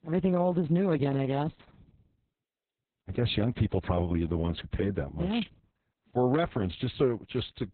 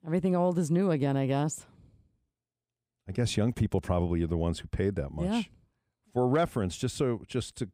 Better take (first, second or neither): second